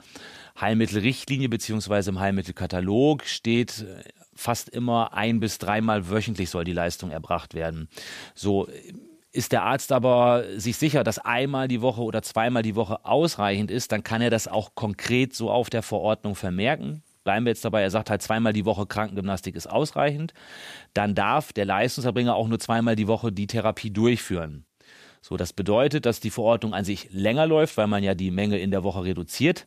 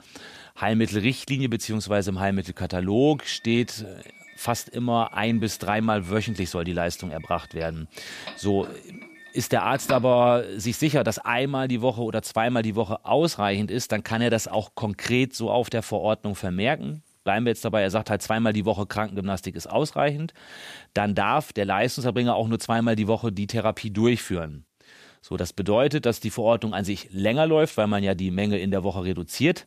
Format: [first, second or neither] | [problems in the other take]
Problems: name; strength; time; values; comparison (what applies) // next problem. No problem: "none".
first | doorbell; noticeable; from 7.5 to 10 s; peak 8 dB below the speech